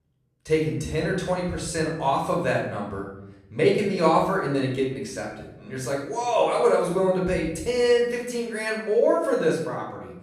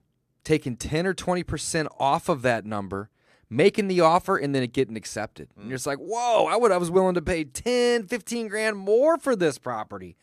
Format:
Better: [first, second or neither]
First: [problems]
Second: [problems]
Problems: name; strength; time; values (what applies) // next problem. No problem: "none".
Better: second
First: off-mic speech; far // room echo; noticeable; dies away in 0.7 s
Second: none